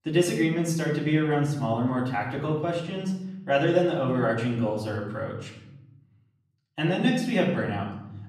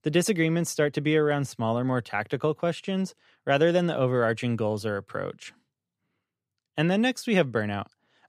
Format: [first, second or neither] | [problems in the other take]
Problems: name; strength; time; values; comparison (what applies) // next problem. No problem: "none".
second | off-mic speech; far // room echo; noticeable; dies away in 1.1 s